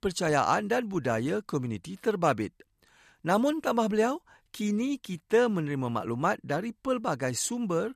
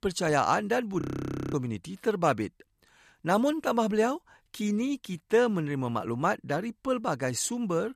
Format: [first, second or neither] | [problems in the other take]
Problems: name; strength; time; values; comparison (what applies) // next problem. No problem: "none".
first | audio freezing; at 1 s for 0.5 s